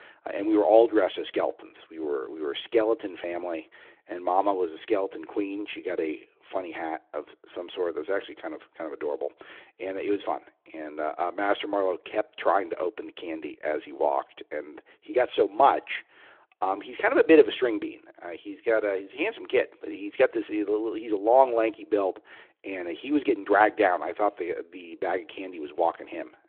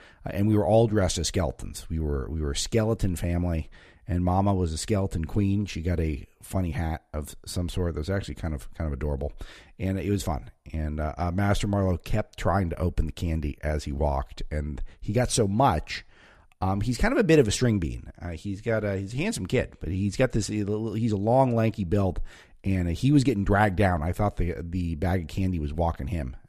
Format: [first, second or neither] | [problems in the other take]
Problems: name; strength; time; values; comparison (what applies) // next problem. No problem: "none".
second | phone-call audio